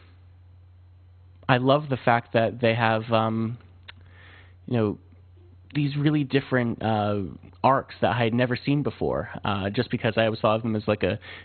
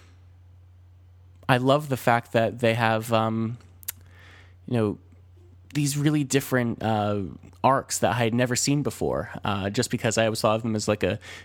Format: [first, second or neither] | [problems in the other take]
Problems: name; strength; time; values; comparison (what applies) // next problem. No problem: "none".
second | garbled, watery; badly; nothing above 4 kHz